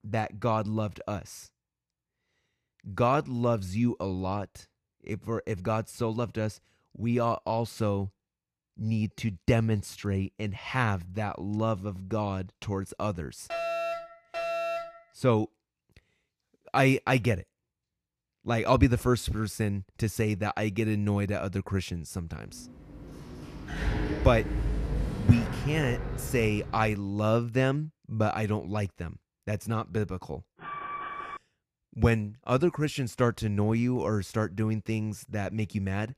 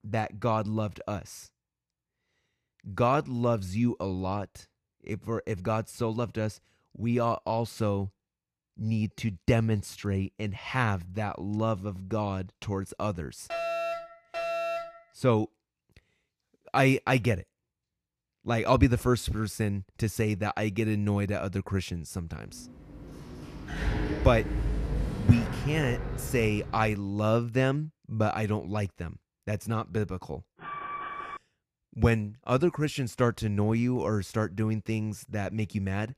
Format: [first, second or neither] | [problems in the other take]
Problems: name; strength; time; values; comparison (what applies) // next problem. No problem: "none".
neither | alarm; noticeable; from 14 to 15 s and at 31 s; peak 2 dB below the speech; the same in both // door banging; noticeable; from 23 to 27 s; peak 2 dB below the speech; the same in both